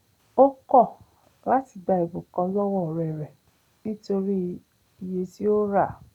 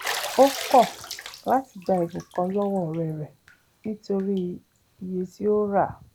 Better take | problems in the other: first | background sound (Bathtub (filling or washing)); 13 dB below the speech

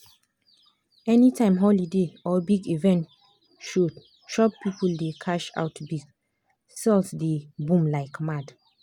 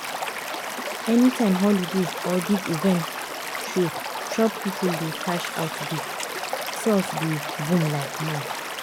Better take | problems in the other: first | background sound (Stream / Liquid); 5 dB below the speech

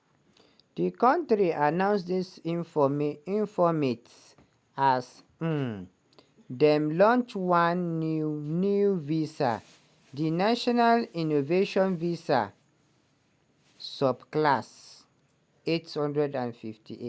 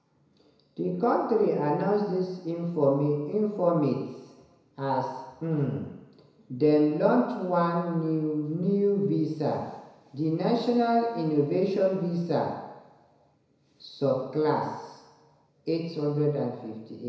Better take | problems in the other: first | room echo; dies away in 1 s

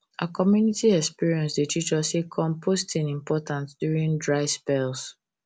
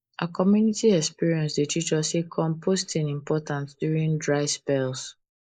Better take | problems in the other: first | noise reduction (neural mask model Resemble Enhance denoiser)

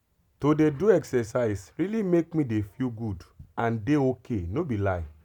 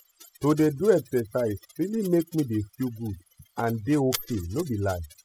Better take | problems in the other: first | noise reduction (classical method spectral subtraction)

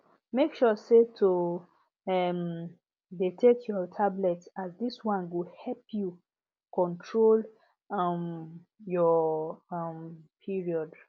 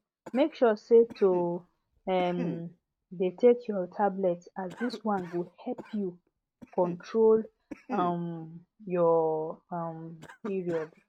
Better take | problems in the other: first | noise reduction (neural mask model RNNoise)

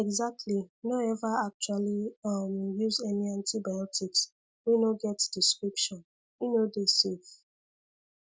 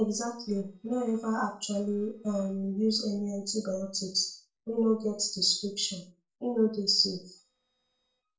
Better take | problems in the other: first | noise reduction (neural separator model SepFormer DNS4)

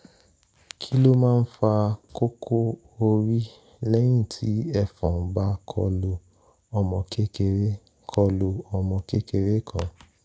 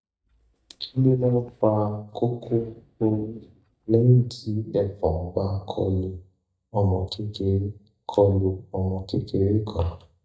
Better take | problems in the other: first | noise reduction (neural mask model DeepFilterNet 3)

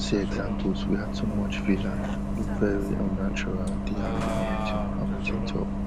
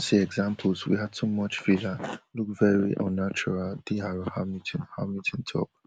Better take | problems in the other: second | background sound (Bus); 2 dB above the speech

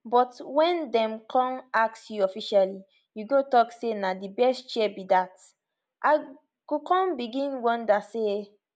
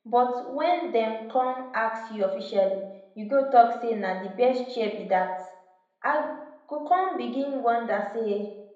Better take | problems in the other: first | room echo; dies away in 0.7 s

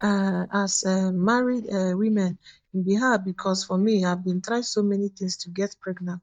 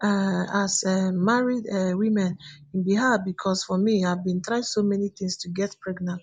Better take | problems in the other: second | noise reduction (neural mask model DeepFilterNet 3)

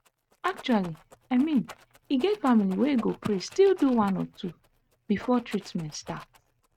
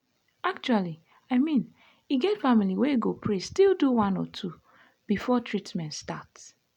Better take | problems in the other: second | noise reduction (neural mask model RNNoise)

